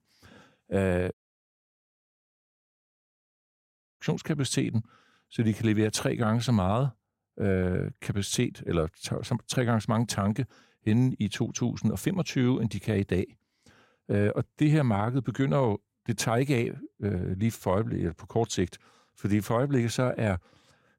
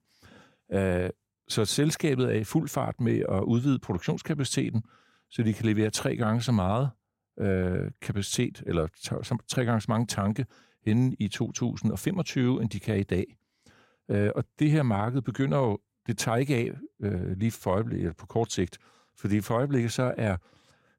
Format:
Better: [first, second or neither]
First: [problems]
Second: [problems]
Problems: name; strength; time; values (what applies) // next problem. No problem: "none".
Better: second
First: audio cutting out; at 1 s for 3 s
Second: none